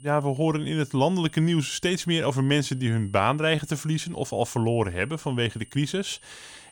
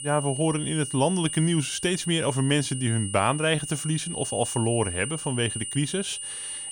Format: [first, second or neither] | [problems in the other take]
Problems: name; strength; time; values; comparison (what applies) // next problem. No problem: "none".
first | high-pitched whine; loud; throughout; 9 kHz, 6 dB below the speech; faint in the first